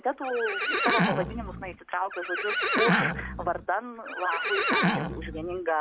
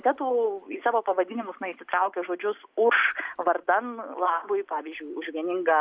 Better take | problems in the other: second | background sound (Livestock, farm animals, working animals); 2 dB above the speech

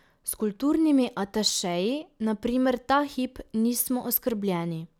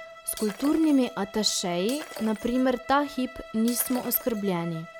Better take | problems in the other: first | background sound (Shatter + Bowed string instrument); 15 dB below the speech

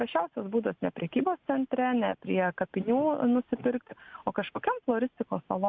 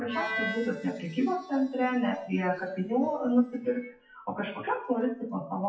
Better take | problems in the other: first | noise reduction (classical method WPE with log-MMSE)

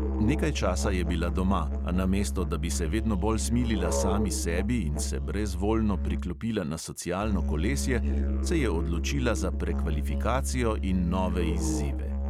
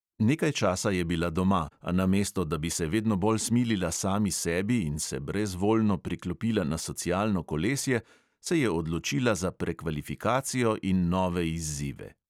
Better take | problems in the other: second | background sound (Musical instrument); 1 dB above the speech

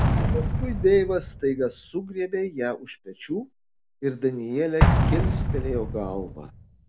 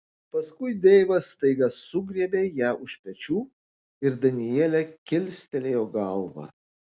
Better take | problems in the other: second | background sound (Explosion); 1 dB above the speech

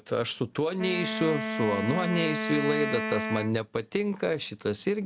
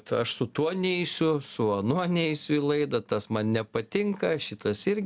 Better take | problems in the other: second | background sound (Wind instrument, woodwind instrument); 4 dB below the speech

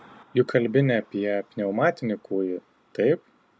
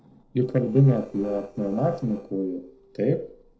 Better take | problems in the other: first | noise reduction (neural separator model SepFormer DNS4)

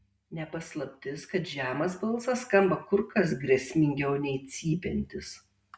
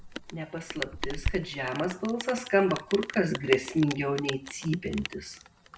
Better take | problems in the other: first | background sound (Rain); 8 dB below the speech

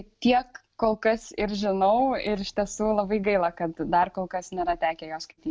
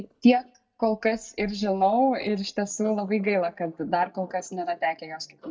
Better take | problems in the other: first | noise reduction (neural mask model DeepFilterNet 3)

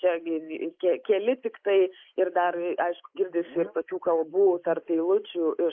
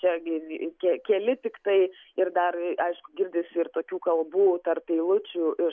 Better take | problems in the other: second | noise reduction (neural mask model Resemble Enhance denoiser)

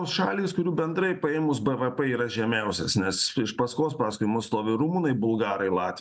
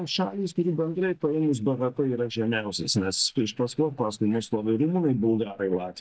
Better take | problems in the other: first | noise reduction (neural mask model DeepFilterNet 3)

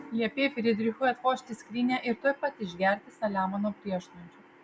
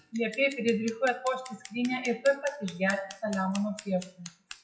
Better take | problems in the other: first | noise reduction (classical method WPE with log-MMSE)

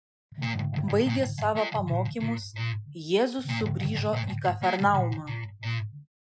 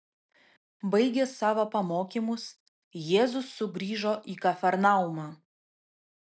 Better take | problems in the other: second | noise reduction (classical method Wiener filter)

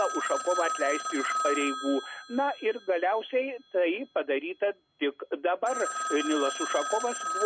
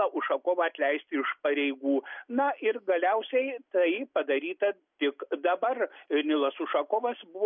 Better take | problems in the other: second | background sound (Telephone); 6 dB below the speech

